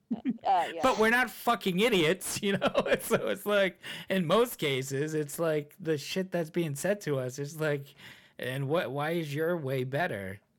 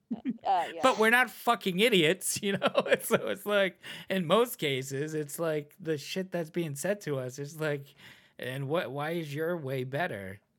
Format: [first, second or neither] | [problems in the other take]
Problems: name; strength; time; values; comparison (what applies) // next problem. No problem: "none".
second | distortion; slight; 10 dB below the speech